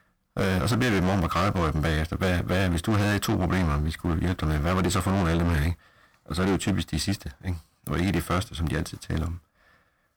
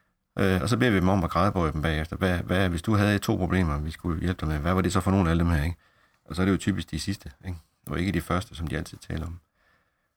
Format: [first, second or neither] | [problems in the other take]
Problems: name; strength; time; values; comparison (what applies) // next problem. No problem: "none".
second | distortion; heavy; 21% of the sound clipped